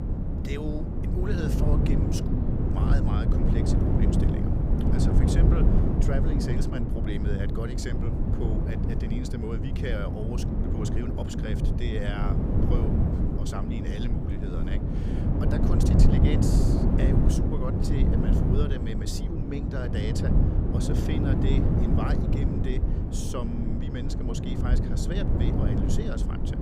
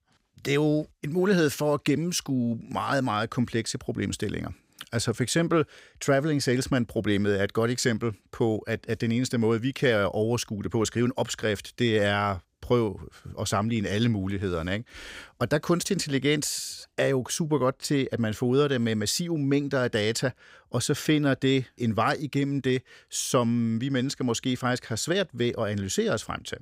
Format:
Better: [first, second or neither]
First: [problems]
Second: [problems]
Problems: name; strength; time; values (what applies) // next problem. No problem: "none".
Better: second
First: wind noise on the microphone; heavy; 3 dB above the speech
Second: none